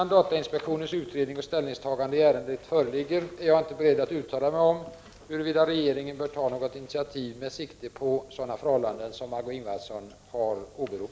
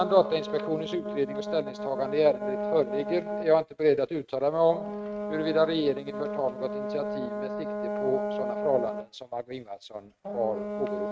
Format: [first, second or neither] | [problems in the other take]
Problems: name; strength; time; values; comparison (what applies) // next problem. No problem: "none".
first | noise reduction (neural mask model RNNoise)